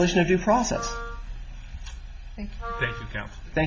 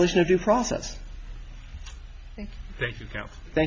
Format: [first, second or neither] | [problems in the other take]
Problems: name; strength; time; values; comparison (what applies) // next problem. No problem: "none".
second | background sound (Wind instrument, woodwind instrument); 12 dB below the speech // room echo; dies away in 0.3 s